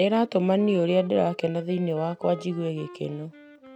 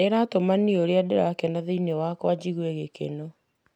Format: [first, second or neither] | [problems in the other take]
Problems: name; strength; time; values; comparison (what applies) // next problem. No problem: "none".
second | background sound (Wind instrument, woodwind instrument); 20 dB below the speech